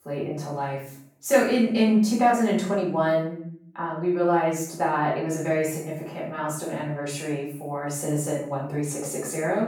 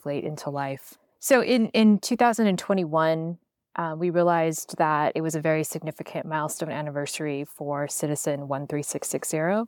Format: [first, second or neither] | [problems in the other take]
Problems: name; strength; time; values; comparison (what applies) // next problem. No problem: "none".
second | off-mic speech; far // room echo; noticeable; dies away in 0.6 s